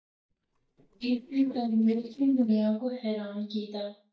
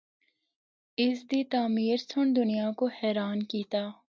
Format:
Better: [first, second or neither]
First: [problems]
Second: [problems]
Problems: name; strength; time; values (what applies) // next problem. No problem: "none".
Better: second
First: noise reduction (neural mask model DeepFilterNet 3)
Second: none